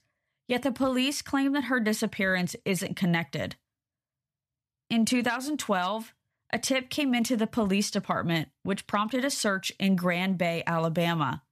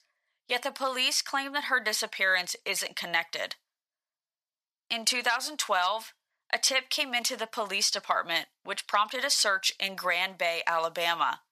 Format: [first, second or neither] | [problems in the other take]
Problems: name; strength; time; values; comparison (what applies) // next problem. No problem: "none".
first | thin; very; fading below 850 Hz